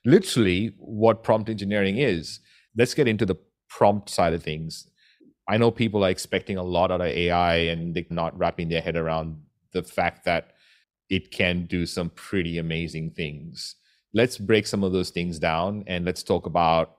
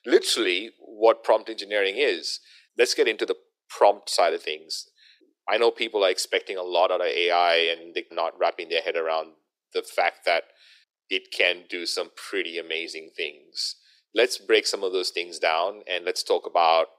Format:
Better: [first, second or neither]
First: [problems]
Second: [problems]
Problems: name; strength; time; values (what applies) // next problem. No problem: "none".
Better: first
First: none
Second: thin; very; fading below 350 Hz